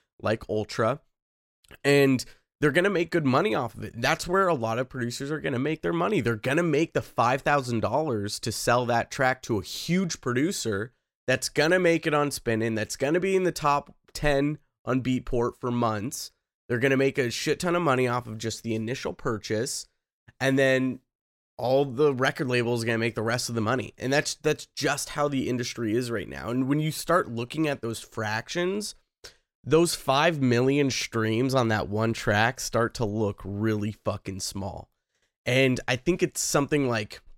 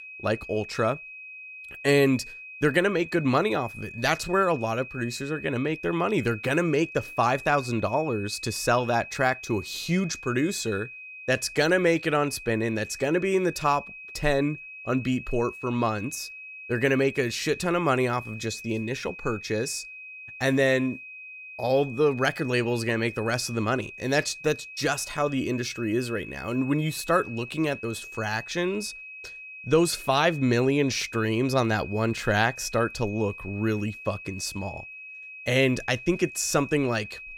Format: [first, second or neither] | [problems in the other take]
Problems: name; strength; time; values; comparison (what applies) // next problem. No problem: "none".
first | high-pitched whine; noticeable; throughout; 2.5 kHz, 15 dB below the speech